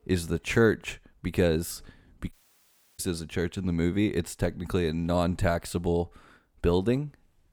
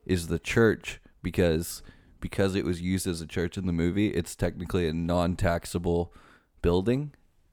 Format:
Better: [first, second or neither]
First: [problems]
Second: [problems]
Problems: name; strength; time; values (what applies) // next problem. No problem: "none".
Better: second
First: audio cutting out; at 2.5 s for 0.5 s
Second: none